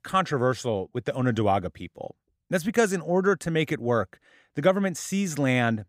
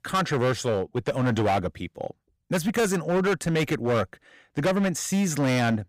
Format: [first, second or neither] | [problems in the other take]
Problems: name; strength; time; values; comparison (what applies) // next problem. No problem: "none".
first | distortion; heavy; 15% of the sound clipped